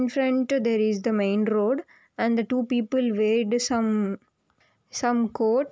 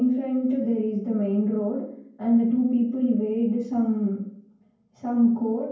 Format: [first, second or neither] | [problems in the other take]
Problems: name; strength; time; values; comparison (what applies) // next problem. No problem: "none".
first | room echo; dies away in 0.9 s